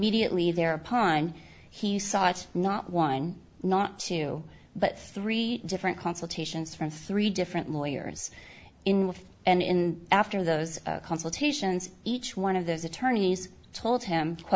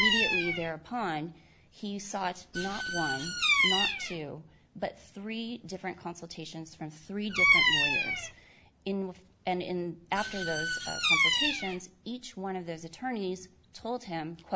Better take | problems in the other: first | background sound (Bird vocalization, bird call, bird song); 4 dB above the speech

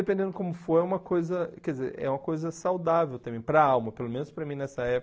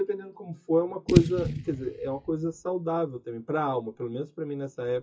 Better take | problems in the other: first | noise reduction (classical method WPE with log-MMSE)

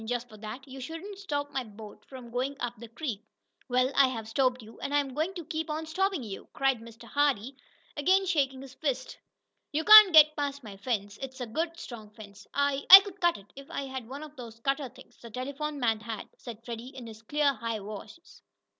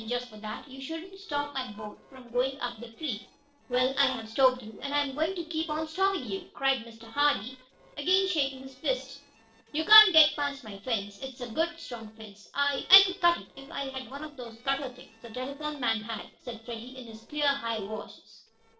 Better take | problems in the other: first | noise reduction (neural separator model SepFormer DNS4)

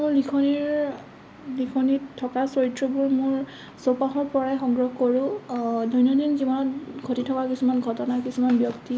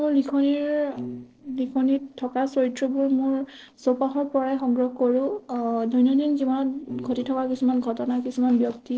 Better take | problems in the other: first | noise reduction (neural separator model SepFormer DNS4)

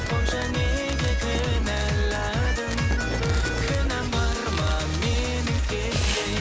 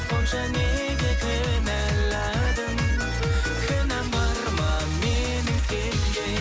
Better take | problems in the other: second | background sound (Fireworks); 12 dB below the speech

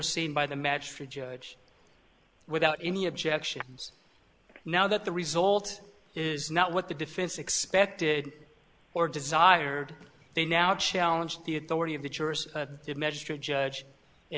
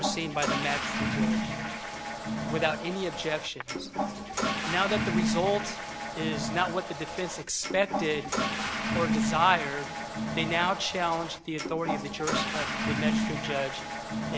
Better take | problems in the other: first | background sound (Toilet flush / Water); as loud as the speech

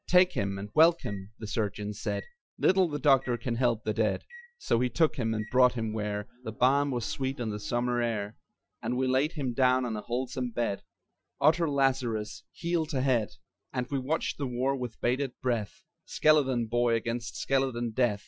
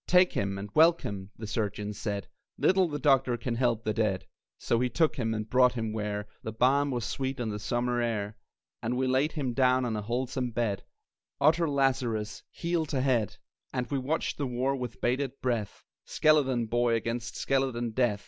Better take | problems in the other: second | noise reduction (classical method Wiener filter)

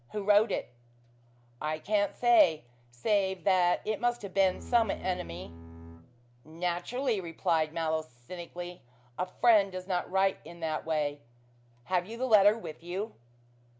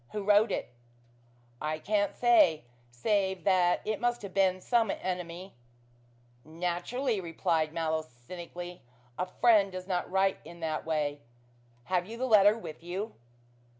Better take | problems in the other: second | background sound (Bowed string instrument); 14 dB below the speech

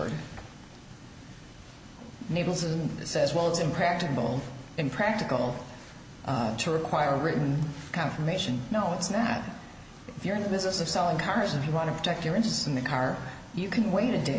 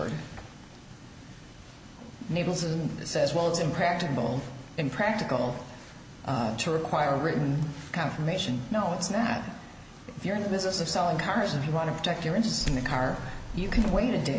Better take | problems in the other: first | background sound (Keys jangling); 3 dB below the speech

